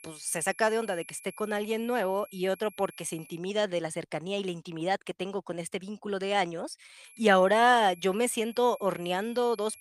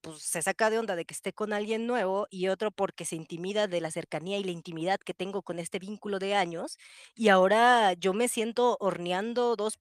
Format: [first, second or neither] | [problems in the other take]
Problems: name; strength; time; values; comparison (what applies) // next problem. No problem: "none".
second | high-pitched whine; faint; until 3.5 s and from 7 s on; 11 kHz, 20 dB below the speech